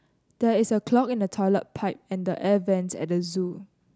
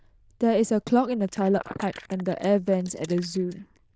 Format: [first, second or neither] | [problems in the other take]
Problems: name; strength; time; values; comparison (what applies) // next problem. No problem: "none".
first | noise reduction (neural diffusion model UNIVERSE++)